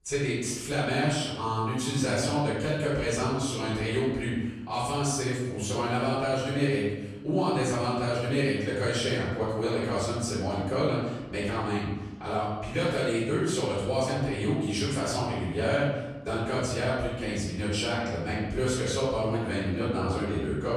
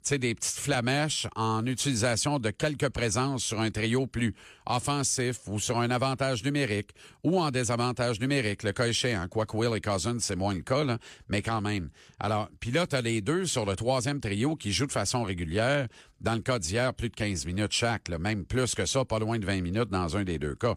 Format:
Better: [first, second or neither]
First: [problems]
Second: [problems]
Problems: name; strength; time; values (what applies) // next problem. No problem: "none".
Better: second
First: off-mic speech; far // room echo; strong; dies away in 1.1 s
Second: none